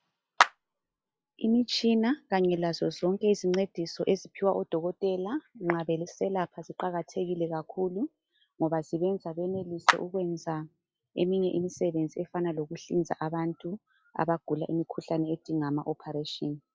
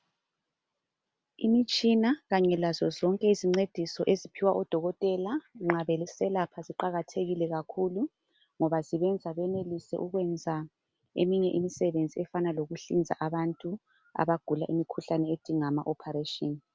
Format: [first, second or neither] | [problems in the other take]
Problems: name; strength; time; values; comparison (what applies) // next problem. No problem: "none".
second | noise reduction (classical method log-MMSE)